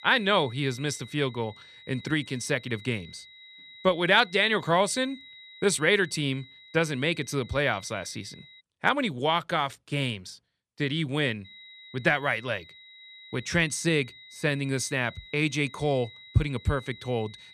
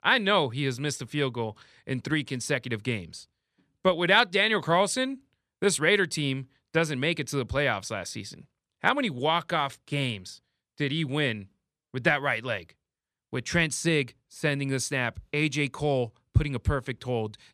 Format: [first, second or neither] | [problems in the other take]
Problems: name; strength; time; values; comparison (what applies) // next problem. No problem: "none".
second | high-pitched whine; faint; until 8.5 s and from 11 s on; 4 kHz, 20 dB below the speech